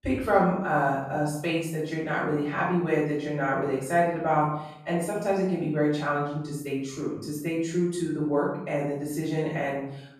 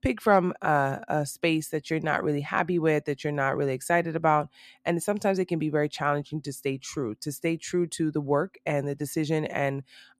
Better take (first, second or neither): second